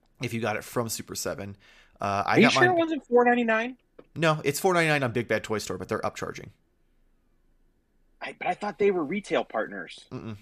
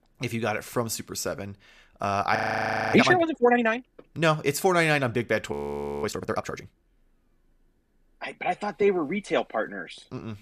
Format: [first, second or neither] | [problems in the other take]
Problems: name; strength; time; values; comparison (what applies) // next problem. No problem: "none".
first | audio freezing; at 2.5 s for 0.5 s and at 5.5 s for 0.5 s